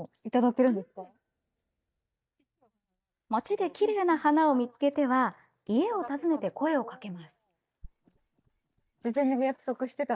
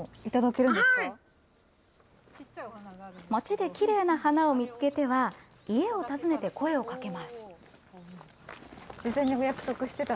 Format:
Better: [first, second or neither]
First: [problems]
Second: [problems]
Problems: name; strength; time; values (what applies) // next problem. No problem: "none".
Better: second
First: noise reduction (neural mask model DeepFilterNet 3)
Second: none